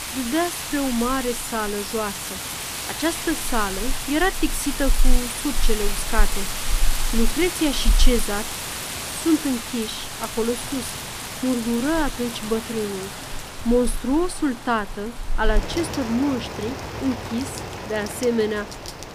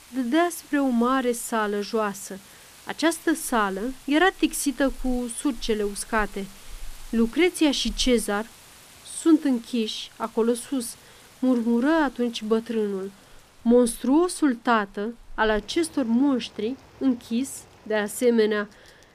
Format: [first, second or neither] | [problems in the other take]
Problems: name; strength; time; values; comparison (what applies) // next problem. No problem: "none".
second | rain or running water; loud; throughout; 3 dB below the speech; faint in the second